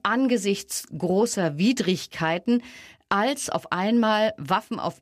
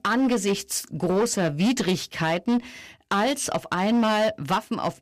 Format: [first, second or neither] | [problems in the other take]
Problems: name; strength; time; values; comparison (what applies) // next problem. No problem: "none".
first | distortion; slight; 12% of the sound clipped